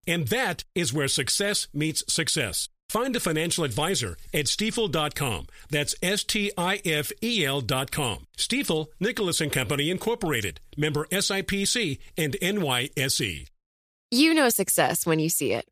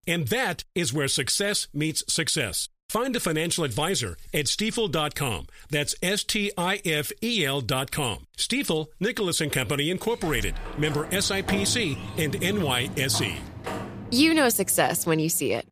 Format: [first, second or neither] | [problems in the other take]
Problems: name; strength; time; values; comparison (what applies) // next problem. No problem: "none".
first | door banging; noticeable; from 10 s on; peak 7 dB below the speech